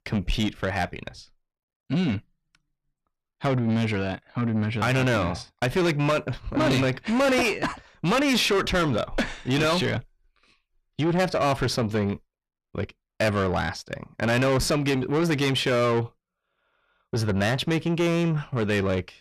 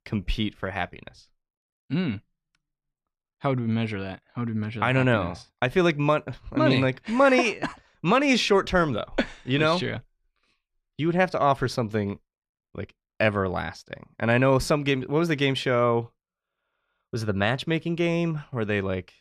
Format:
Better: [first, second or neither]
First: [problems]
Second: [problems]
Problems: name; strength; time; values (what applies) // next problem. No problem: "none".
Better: second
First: distortion; heavy; 7 dB below the speech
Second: none